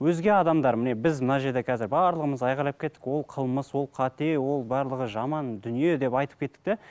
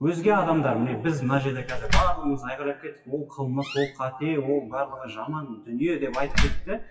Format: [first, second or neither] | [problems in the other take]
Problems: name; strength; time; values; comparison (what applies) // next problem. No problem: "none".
first | noise reduction (classical method WPE with log-MMSE)